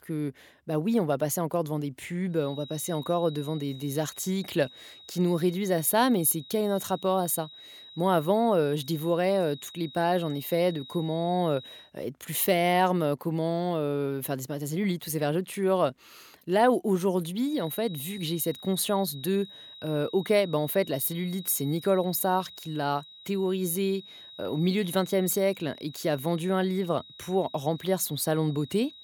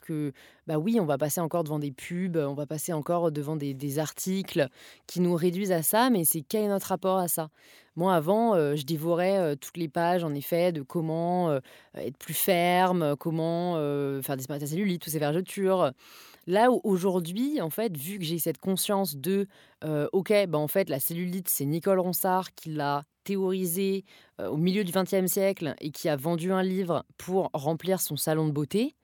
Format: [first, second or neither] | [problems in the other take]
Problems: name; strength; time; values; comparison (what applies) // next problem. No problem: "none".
second | high-pitched whine; noticeable; from 2.5 to 12 s and from 17 s on; 4 kHz, 15 dB below the speech